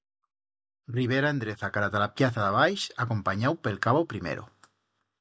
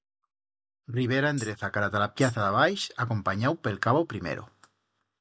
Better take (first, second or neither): first